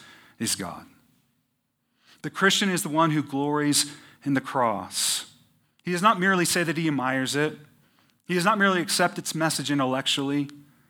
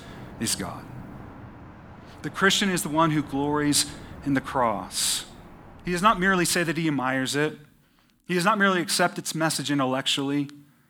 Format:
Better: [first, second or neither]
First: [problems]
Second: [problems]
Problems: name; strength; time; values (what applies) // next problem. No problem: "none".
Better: first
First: none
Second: rain or running water; faint; until 6 s; 20 dB below the speech